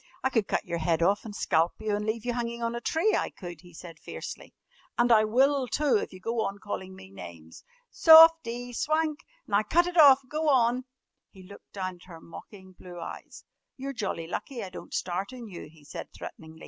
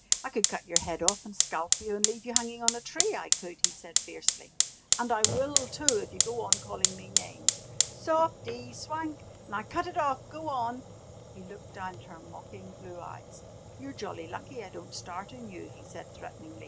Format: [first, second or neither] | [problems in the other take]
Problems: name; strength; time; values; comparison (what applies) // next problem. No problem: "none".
first | background sound (Fire); 3 dB above the speech // room echo; dies away in 0.3 s